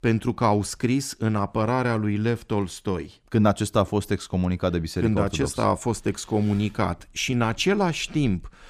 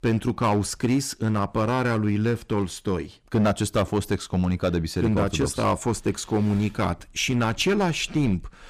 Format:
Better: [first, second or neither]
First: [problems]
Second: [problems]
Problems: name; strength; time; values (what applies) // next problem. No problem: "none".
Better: first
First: none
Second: distortion; slight; 6% of the sound clipped